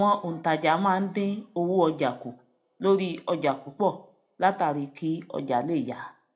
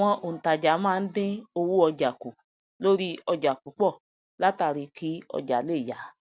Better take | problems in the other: second | room echo; dies away in 0.3 s

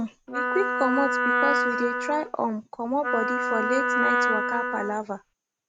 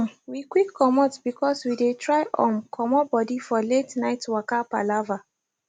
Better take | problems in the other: second | background sound (Wind instrument, woodwind instrument); 3 dB above the speech

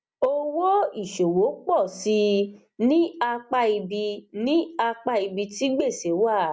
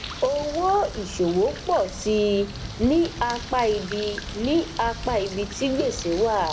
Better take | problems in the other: first | background sound (Bird); 11 dB below the speech

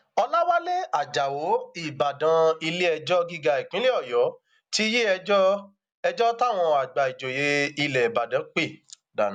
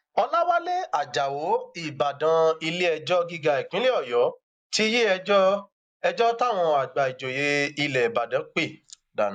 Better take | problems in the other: first | noise reduction (neural mask model Resemble Enhance denoiser)

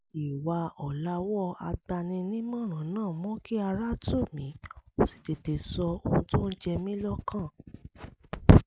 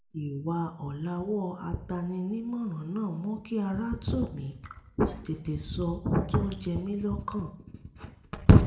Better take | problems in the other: first | room echo; dies away in 0.6 s

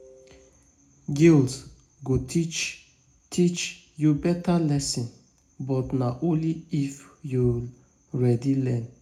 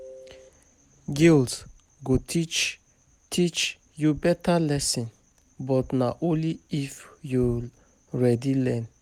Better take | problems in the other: second | room echo; dies away in 0.4 s

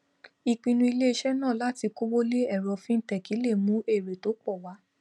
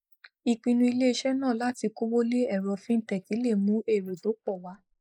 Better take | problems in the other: first | noise reduction (neural mask model Resemble Enhance denoiser)

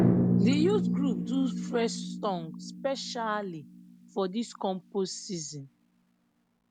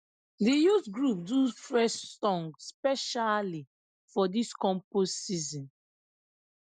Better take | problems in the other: second | background sound (Drum); 1 dB above the speech

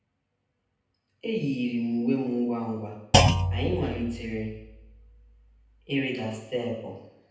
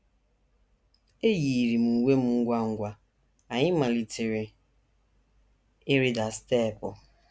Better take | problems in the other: second | background sound (Thump, thud); 3 dB above the speech // room echo; dies away in 0.8 s

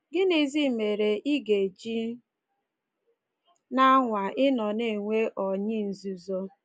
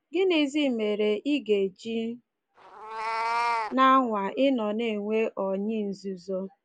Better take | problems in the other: first | background sound (Meow); 10 dB below the speech

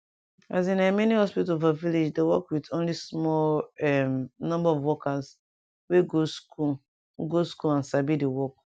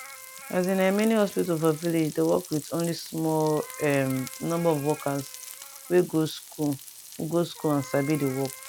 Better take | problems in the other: first | background sound (Meow + Frying (food)); 15 dB below the speech

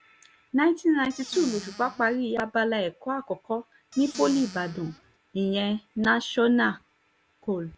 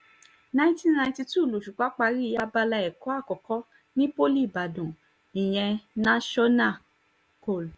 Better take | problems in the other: second | background sound (Squeak / Cupboard open or close); 15 dB below the speech

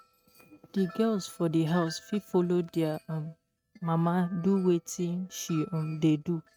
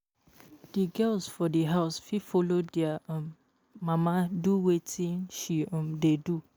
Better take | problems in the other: second | noise reduction (neural mask model RNNoise)

